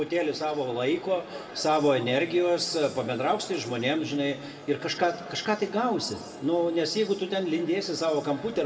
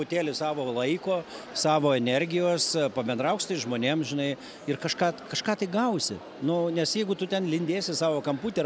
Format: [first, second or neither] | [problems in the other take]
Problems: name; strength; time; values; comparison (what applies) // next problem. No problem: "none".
second | room echo; dies away in 1.4 s